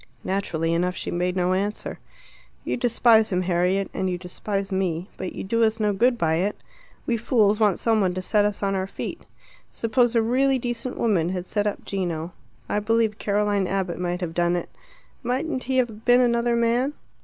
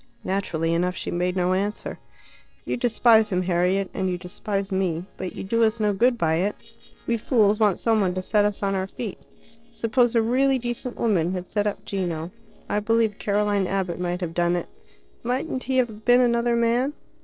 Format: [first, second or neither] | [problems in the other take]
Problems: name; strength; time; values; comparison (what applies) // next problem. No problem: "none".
first | noise reduction (neural separator model SepFormer DNS4)